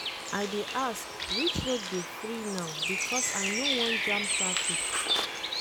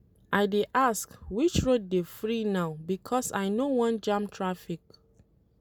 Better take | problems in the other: second | background sound (Bird); 4 dB above the speech

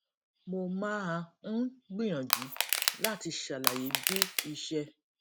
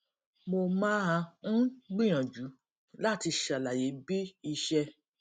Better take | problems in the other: second | background sound (Crushing); 4 dB above the speech

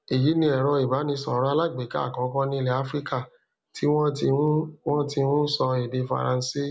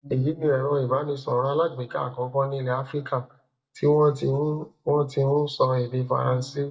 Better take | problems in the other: first | noise reduction (neural mask model DeepFilterNet 3)

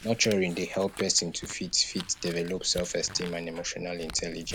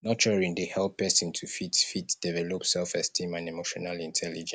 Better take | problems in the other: second | background sound (Crumpling, crinkling); 15 dB below the speech

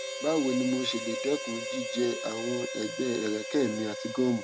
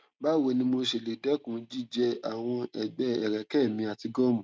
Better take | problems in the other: second | background sound (Harmonica); 6 dB below the speech

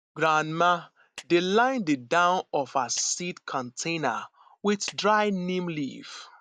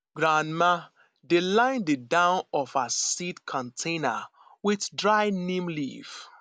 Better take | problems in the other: second | noise reduction (neural mask model DeepFilterNet 3)

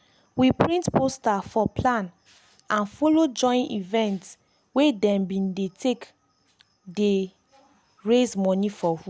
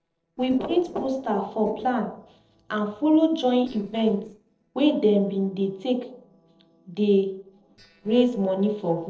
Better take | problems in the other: first | noise reduction (neural separator model SepFormer DNS4)

